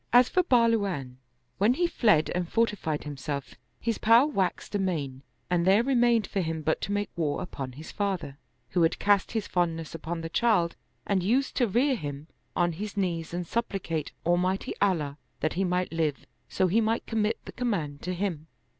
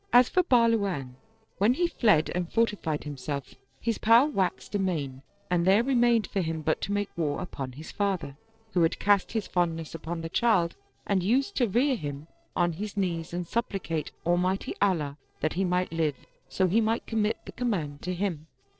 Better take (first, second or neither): first